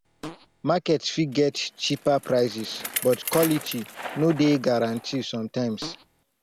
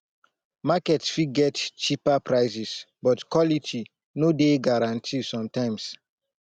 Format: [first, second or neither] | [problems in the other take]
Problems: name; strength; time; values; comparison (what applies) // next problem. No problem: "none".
second | background sound (Bicycle + Fart); 13 dB below the speech